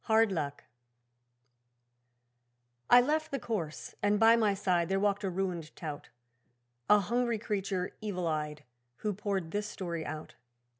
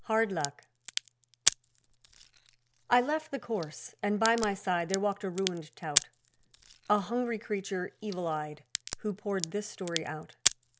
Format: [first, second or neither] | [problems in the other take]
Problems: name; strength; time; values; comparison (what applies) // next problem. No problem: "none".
first | background sound (Crack); 5 dB below the speech